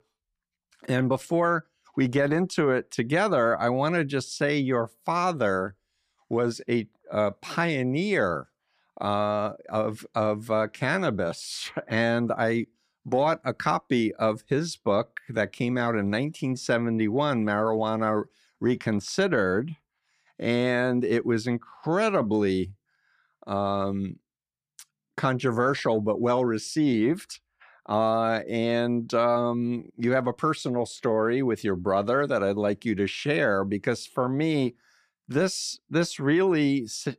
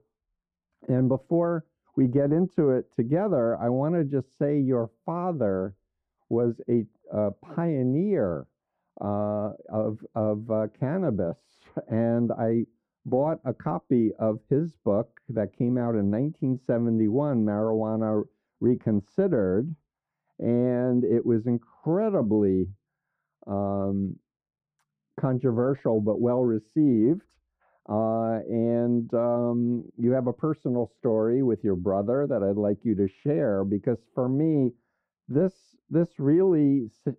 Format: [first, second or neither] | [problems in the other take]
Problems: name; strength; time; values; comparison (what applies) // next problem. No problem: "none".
first | muffled; very; fading above 1.5 kHz